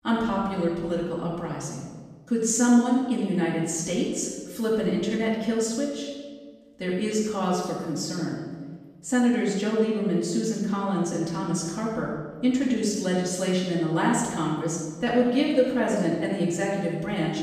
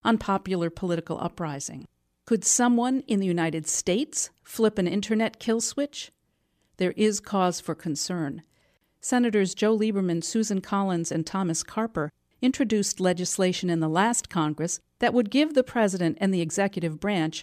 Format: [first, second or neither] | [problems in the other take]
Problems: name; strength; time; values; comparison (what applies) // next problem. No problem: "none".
second | room echo; noticeable; dies away in 1.3 s // off-mic speech; far